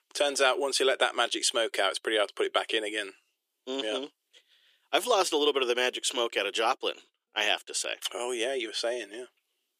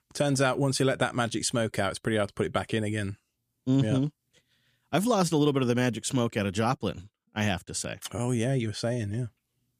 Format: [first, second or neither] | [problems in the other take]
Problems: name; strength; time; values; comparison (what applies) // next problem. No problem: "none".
second | thin; very; fading below 350 Hz